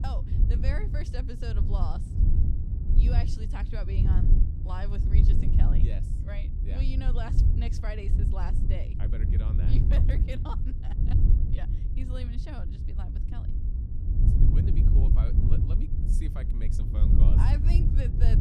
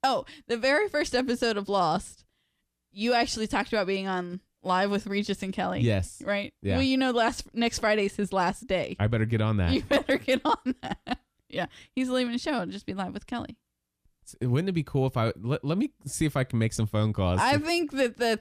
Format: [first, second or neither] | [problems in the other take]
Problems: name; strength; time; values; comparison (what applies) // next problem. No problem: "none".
second | wind noise on the microphone; heavy; as loud as the speech